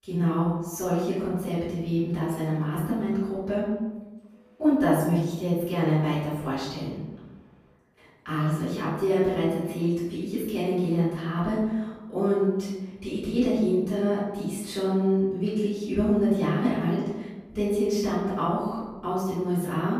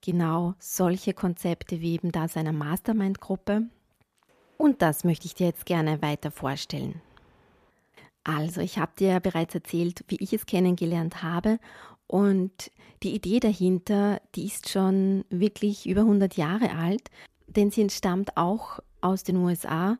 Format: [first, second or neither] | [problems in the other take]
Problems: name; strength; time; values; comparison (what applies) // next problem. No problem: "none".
second | off-mic speech; far // room echo; noticeable; dies away in 1 s